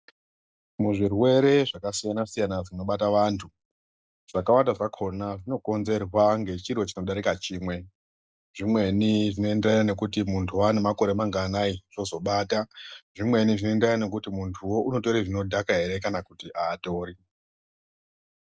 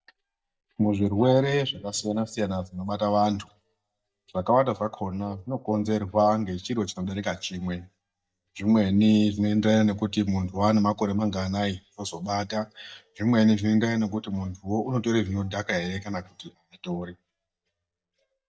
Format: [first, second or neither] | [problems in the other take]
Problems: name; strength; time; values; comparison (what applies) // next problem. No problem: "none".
first | noise reduction (neural mask model DeepFilterNet 3)